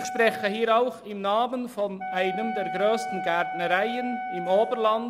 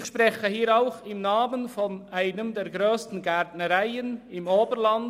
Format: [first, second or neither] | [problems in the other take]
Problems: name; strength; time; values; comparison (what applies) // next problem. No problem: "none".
second | background sound (Wind instrument, woodwind instrument); 8 dB below the speech